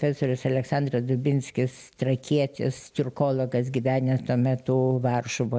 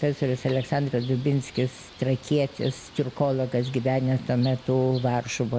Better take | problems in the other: first | background sound (Bird); 20 dB below the speech

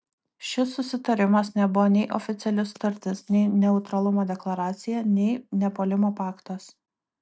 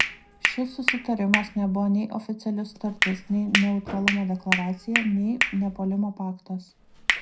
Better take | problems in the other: first | background sound (Hands); 2 dB below the speech // room echo; dies away in 0.3 s

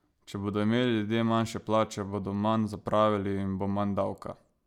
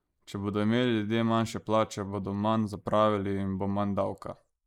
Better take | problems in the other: first | noise reduction (neural mask model Resemble Enhance denoiser)

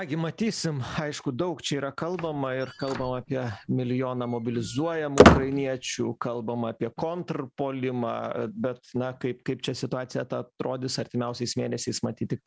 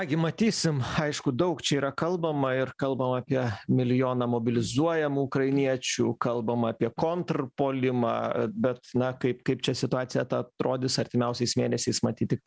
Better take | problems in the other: second | background sound (Squeak); 4 dB above the speech

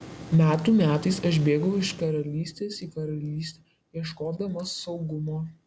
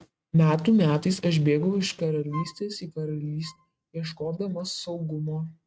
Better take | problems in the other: first | noise reduction (neural mask model RNNoise)

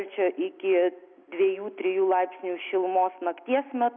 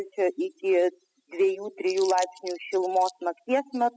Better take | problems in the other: first | noise reduction (classical method spectral subtraction)

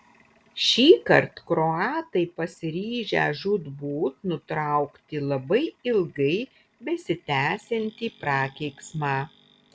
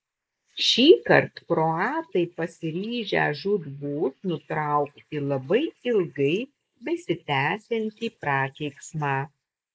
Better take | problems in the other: first | noise reduction (neural mask model Resemble Enhance denoiser)

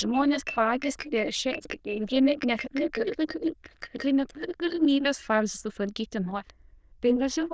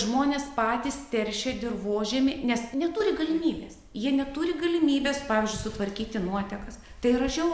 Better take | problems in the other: second | noise reduction (neural diffusion model UNIVERSE++)

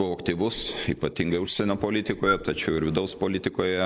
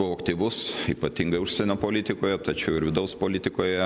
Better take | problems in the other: second | noise reduction (neural mask model Resemble Enhance denoiser)

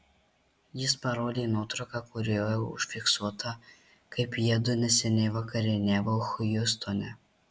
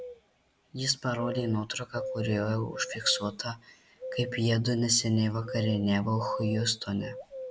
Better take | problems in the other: first | background sound (Bird vocalization, bird call, bird song); 11 dB below the speech

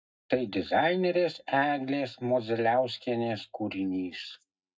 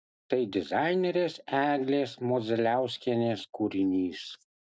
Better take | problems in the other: second | noise reduction (neural mask model DeepFilterNet 3)

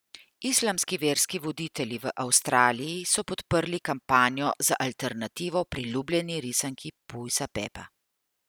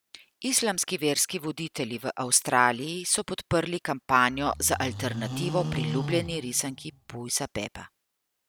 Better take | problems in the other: first | background sound (Livestock, farm animals, working animals); 6 dB below the speech

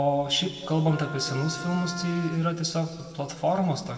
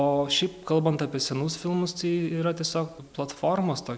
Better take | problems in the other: second | background sound (Wind instrument, woodwind instrument); 12 dB below the speech // room echo; dies away in 2 s

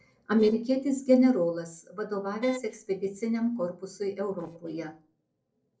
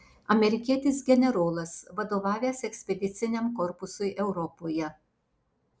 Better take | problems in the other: second | noise reduction (neural separator model SepFormer DNS4)

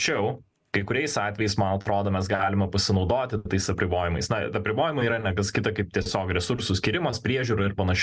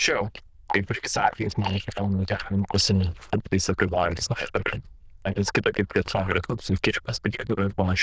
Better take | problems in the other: first | noise reduction (neural diffusion model UNIVERSE++)

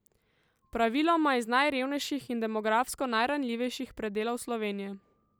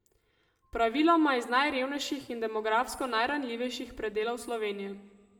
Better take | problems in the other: first | room echo; dies away in 0.9 s

